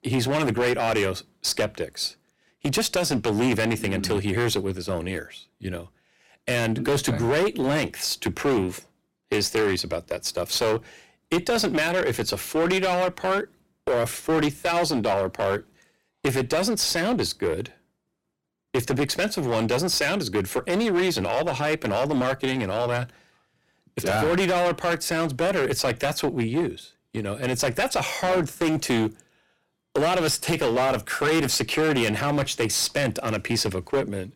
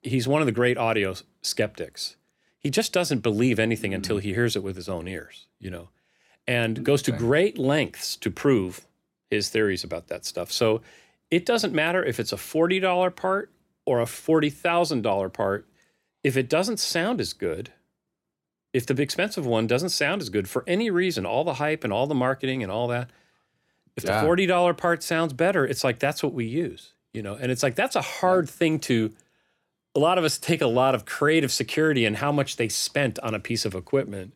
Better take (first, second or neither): second